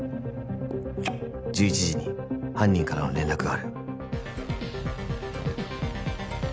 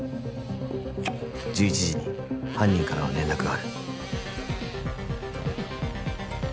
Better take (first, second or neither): first